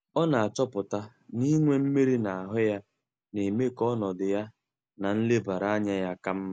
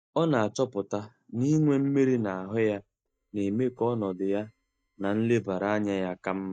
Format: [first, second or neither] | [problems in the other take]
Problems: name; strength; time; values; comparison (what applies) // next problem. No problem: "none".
first | noise reduction (neural mask model DeepFilterNet 3)